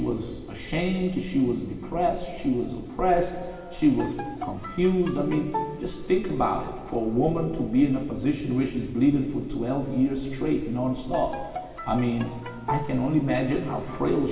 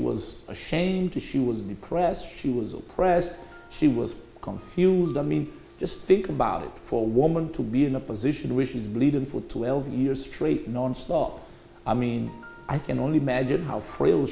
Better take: second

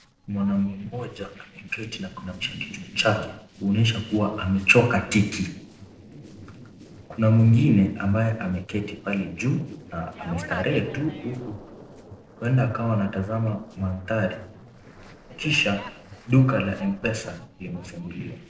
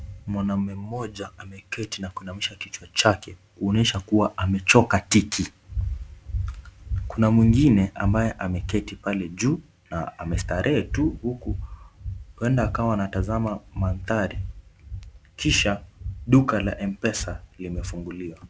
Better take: second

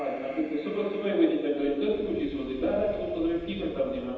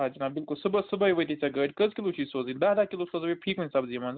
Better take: second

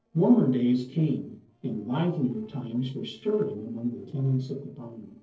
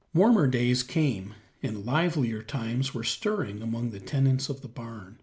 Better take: second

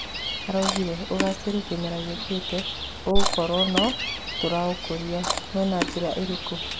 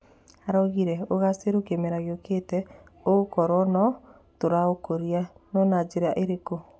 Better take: second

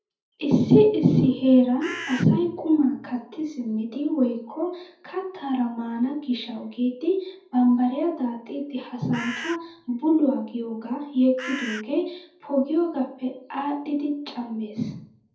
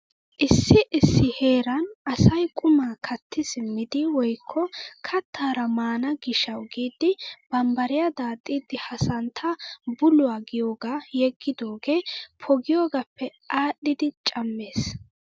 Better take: second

